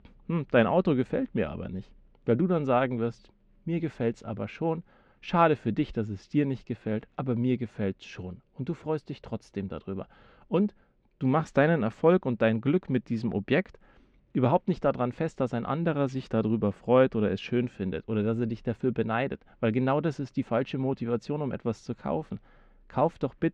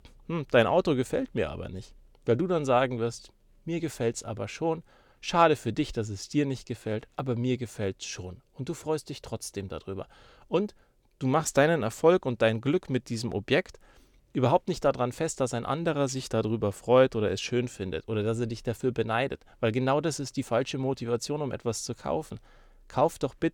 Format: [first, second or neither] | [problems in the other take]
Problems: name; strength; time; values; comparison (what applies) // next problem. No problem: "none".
second | muffled; very; fading above 2.5 kHz